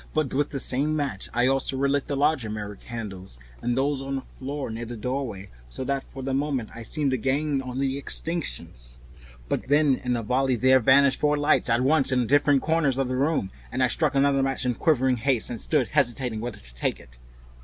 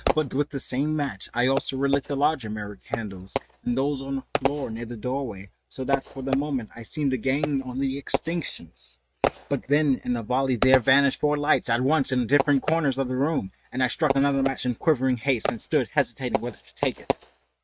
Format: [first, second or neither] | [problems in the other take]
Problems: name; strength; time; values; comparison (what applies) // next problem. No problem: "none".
first | noise reduction (neural mask model RNNoise)